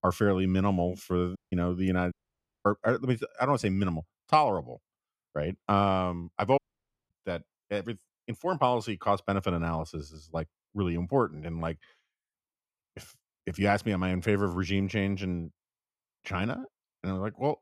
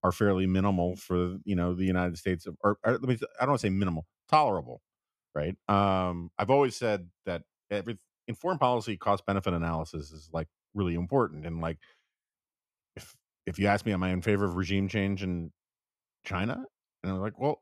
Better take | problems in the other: second | audio cutting out; at 1.5 s, at 2 s for 0.5 s and at 6.5 s for 0.5 s

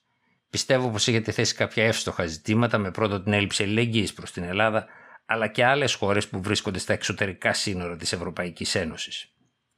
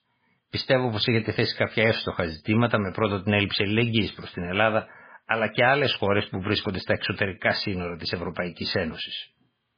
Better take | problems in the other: first | garbled, watery; badly

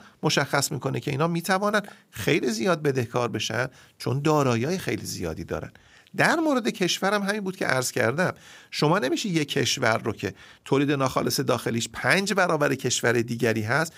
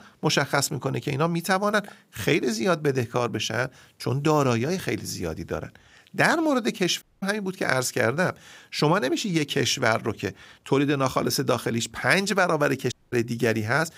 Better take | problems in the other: first | audio cutting out; at 7 s and at 13 s

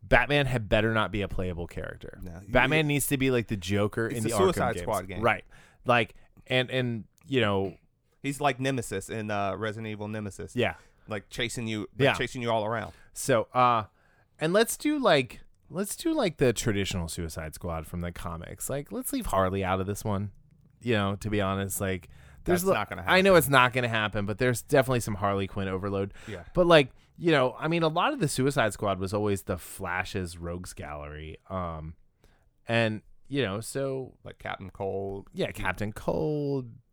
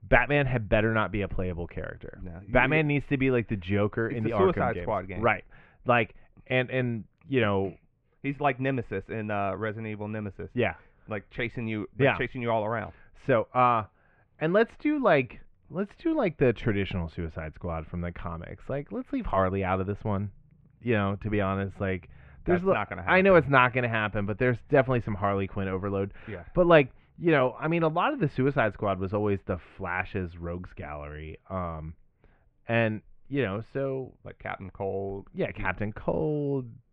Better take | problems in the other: first | muffled; very; fading above 2.5 kHz

